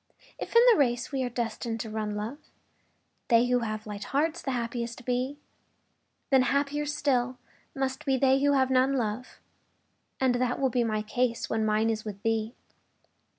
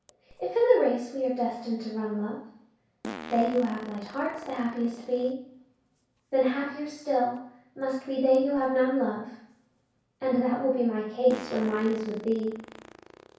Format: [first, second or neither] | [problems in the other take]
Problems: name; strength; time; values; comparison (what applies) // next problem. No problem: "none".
first | background sound (Fart); 19 dB below the speech // room echo; dies away in 0.6 s